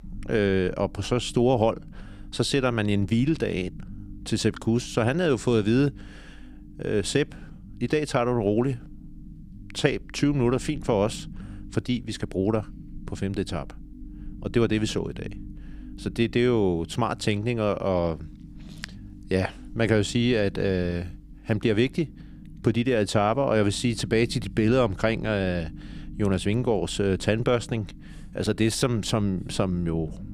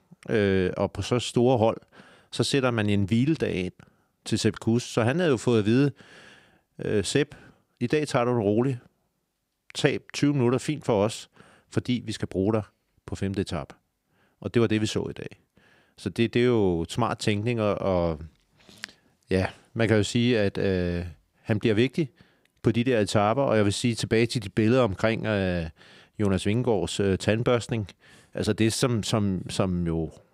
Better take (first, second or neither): second